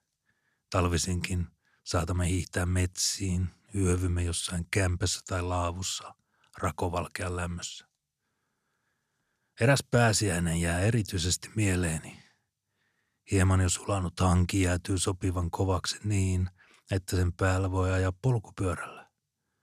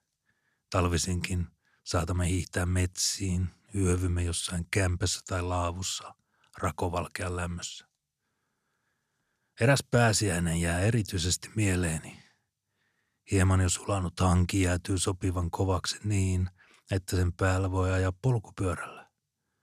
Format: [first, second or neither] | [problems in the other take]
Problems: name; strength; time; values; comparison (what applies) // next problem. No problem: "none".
neither | none